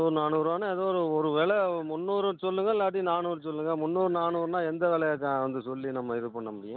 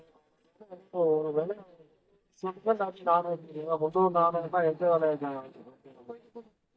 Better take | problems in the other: first | noise reduction (neural mask model DeepFilterNet 3)

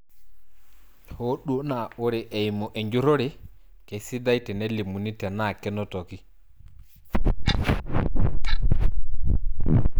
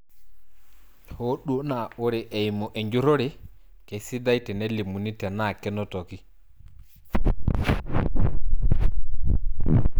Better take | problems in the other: second | background sound (Clock); 16 dB below the speech

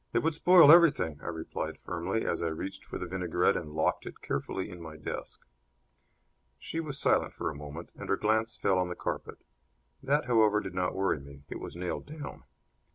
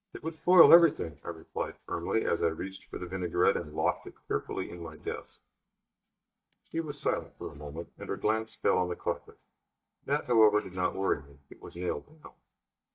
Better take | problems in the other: first | noise reduction (neural mask model DeepFilterNet 3)

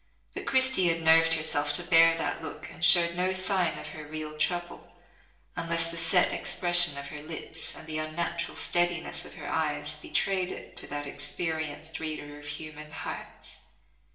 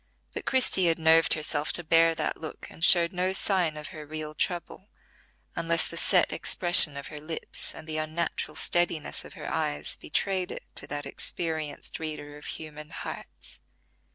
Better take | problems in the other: second | room echo; dies away in 0.8 s

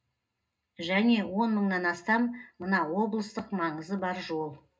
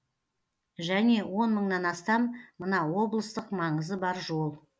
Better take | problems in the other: second | room echo; dies away in 0.2 s

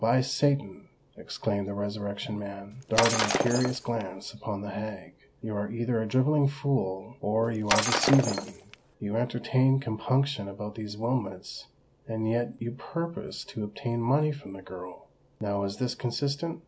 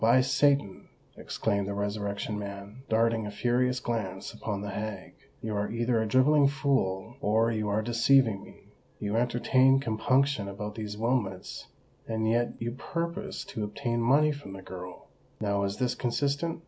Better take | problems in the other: second | background sound (Shatter); as loud as the speech

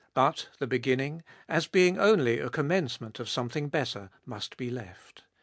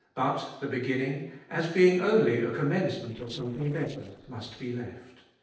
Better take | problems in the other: first | noise reduction (neural separator model SepFormer DNS4)

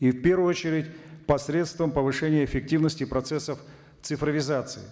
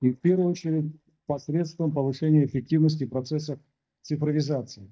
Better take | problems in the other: first | noise reduction (neural mask model DeepFilterNet 3)

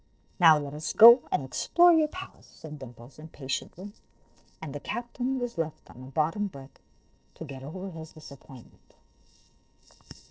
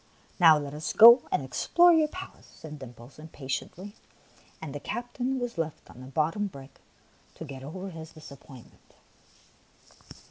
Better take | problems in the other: second | noise reduction (neural separator model SepFormer DNS4)

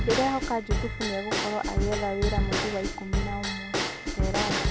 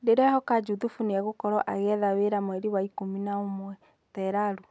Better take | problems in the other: second | background sound (Bell / Drum / Drum kit); 2 dB above the speech

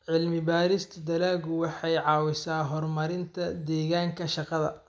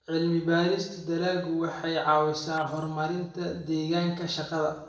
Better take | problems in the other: first | noise reduction (neural separator model SepFormer DNS4)

